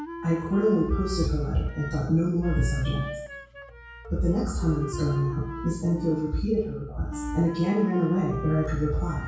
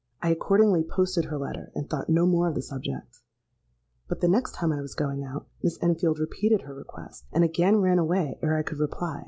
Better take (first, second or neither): second